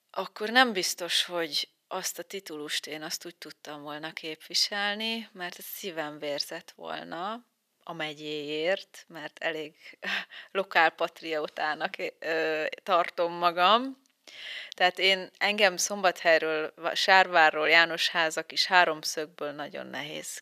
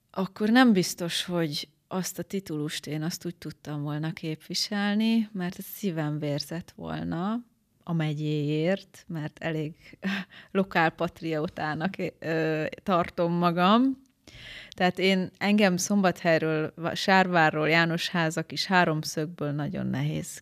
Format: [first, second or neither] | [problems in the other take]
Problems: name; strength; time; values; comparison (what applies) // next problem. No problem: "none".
second | thin; very; fading below 550 Hz